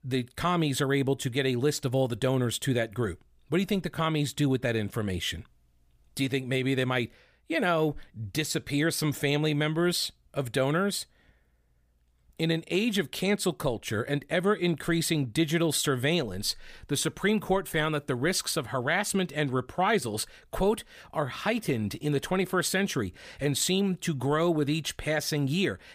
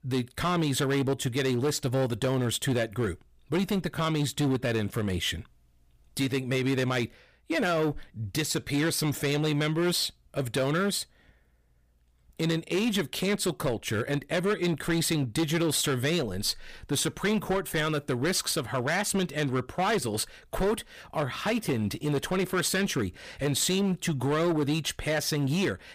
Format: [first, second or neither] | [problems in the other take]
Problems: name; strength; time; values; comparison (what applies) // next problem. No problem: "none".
first | distortion; slight; 11% of the sound clipped